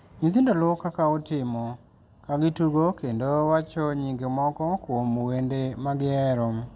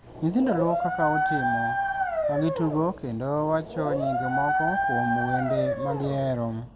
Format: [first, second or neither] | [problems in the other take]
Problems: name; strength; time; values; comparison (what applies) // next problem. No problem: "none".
first | background sound (Dog); as loud as the speech